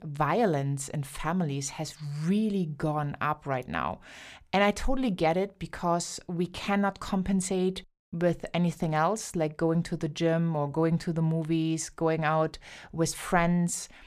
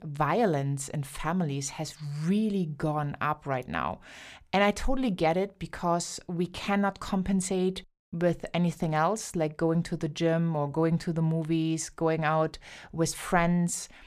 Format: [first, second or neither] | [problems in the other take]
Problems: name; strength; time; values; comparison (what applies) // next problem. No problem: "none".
neither | none